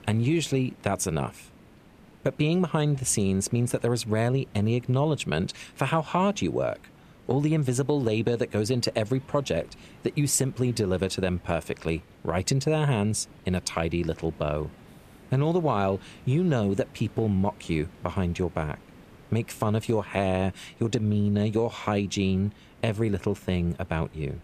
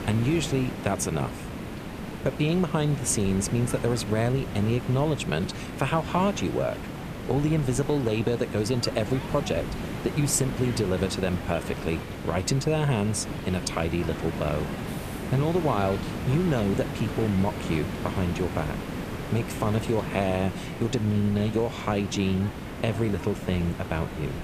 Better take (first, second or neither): first